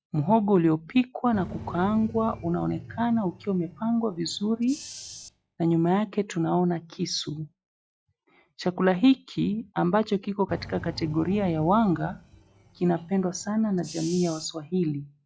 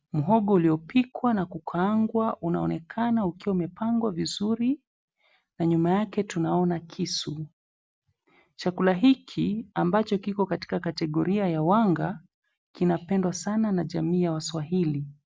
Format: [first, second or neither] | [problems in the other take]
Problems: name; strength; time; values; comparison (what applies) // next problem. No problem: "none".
second | noise reduction (classical method log-MMSE)